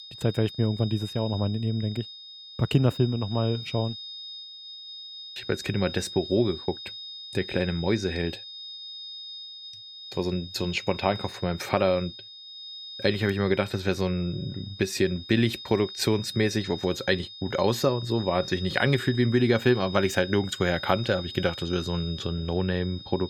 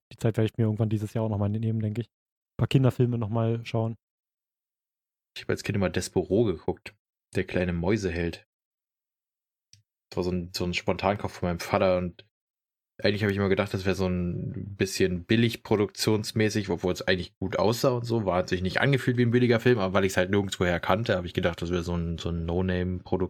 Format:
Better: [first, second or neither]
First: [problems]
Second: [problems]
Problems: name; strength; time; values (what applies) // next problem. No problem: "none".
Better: second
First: high-pitched whine; noticeable; throughout; 3.5 kHz, 10 dB below the speech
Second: none